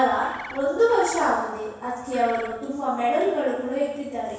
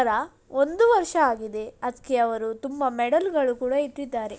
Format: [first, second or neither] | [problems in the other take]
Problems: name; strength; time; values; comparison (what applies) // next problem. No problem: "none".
second | background sound (Bird); 16 dB below the speech // room echo; dies away in 1.1 s